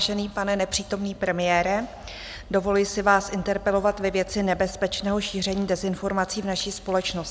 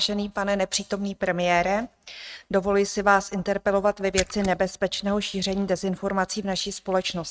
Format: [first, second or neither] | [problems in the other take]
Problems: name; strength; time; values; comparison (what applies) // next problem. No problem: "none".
first | noise reduction (neural mask model RNNoise)